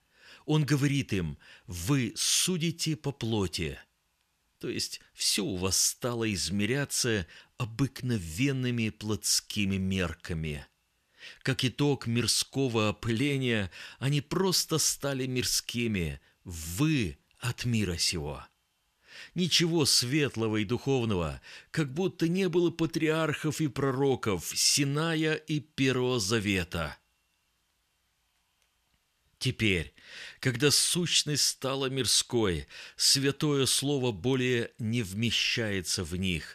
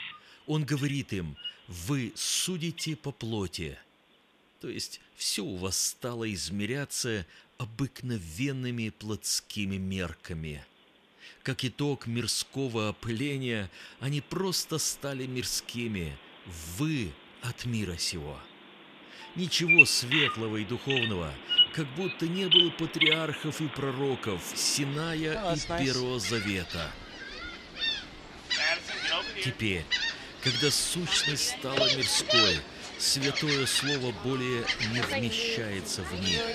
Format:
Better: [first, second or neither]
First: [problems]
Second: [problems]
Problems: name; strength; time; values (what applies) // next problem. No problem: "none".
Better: first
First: none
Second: animal sounds; very loud; throughout; 3 dB above the speech